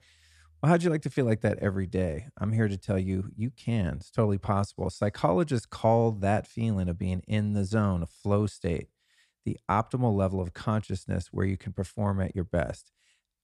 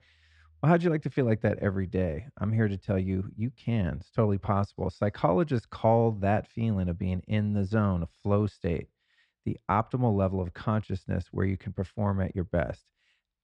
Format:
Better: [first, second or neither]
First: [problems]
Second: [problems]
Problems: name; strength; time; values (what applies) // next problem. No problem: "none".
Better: first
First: none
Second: muffled; slightly; fading above 3.5 kHz